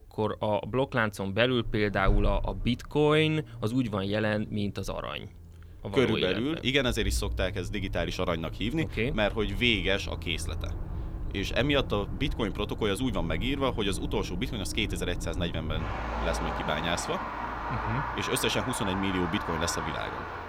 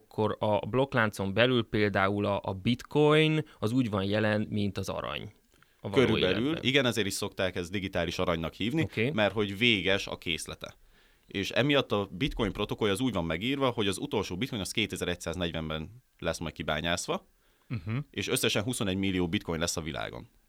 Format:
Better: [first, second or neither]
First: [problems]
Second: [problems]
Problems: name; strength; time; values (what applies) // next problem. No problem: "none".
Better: second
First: traffic noise; loud; throughout; 7 dB below the speech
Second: none